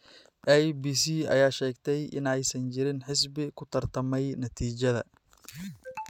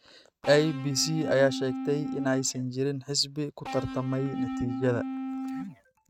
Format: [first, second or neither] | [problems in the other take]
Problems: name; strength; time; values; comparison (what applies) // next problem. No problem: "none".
first | noise reduction (neural mask model RNNoise)